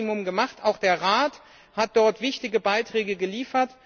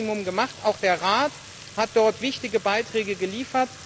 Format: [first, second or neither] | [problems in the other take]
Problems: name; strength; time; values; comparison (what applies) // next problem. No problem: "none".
first | background sound (Fill (with liquid) / Trickle, dribble / Sink (filling or washing)); 18 dB below the speech